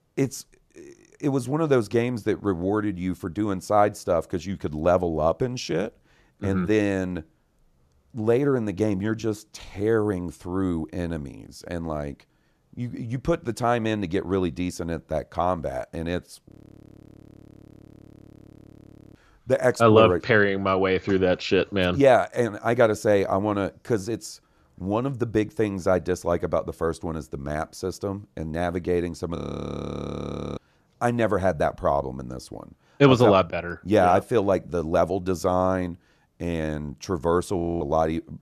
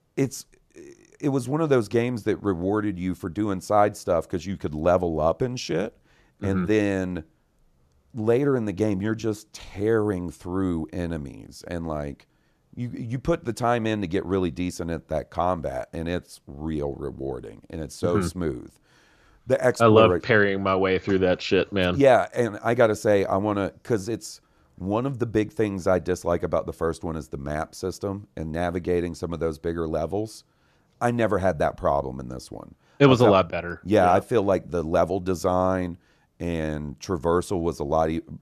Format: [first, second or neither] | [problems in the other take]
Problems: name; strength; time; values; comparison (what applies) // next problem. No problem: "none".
second | audio freezing; at 16 s for 2.5 s, at 29 s for 1 s and at 38 s